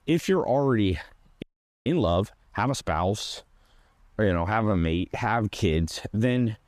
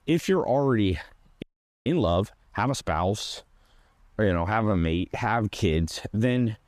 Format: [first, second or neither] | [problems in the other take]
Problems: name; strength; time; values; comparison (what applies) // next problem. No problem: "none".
neither | audio freezing; at 1.5 s; the same in both